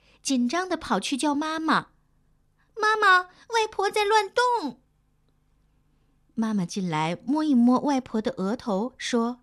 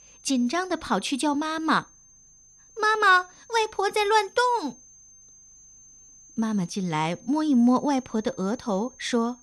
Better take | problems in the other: first | high-pitched whine; faint; throughout; 6.5 kHz, 25 dB below the speech

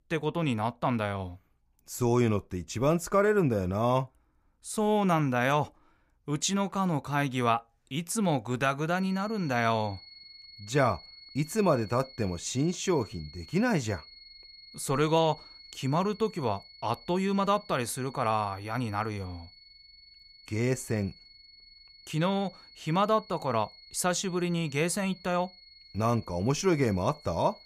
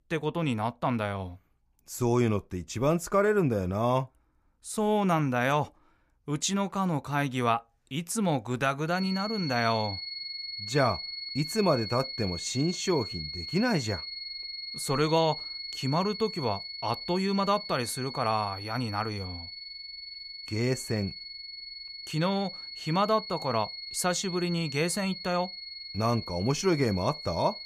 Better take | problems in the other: first | high-pitched whine; loud; from 9 s on; 4.5 kHz, 8 dB below the speech; faint in the first

